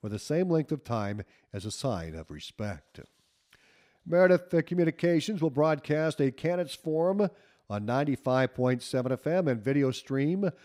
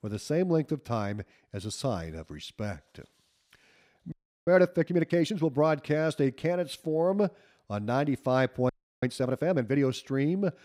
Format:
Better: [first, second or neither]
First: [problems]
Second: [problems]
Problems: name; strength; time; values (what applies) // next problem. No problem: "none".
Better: first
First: none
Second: audio freezing; at 4 s and at 8.5 s